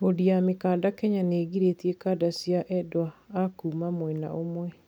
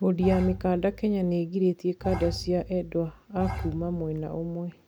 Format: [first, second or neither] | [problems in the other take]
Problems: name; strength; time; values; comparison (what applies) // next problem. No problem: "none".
first | background sound (Bowed string instrument); 9 dB below the speech